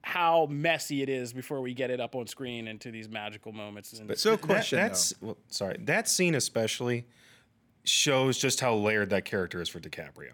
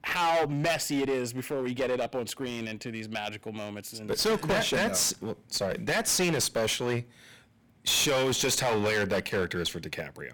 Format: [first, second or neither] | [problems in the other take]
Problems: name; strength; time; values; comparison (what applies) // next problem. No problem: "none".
first | distortion; heavy; 14% of the sound clipped